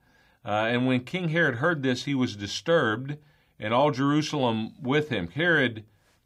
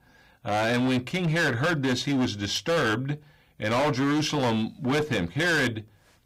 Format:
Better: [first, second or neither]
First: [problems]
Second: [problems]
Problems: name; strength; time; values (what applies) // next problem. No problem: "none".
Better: first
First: none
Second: distortion; heavy; 20% of the sound clipped